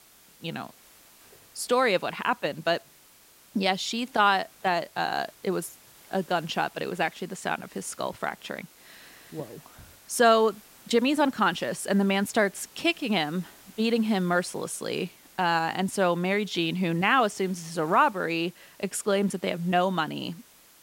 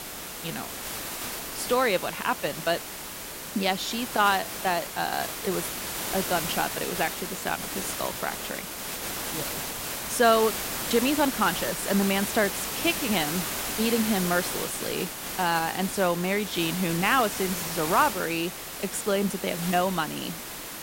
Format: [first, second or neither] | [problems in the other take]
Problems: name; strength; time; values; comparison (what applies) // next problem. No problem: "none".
first | hiss; loud; throughout; 4 dB below the speech; faint in the first